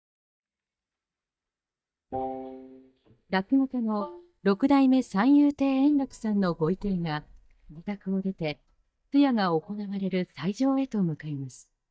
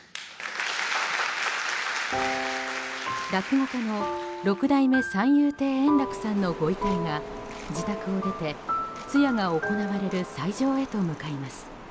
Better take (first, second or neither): second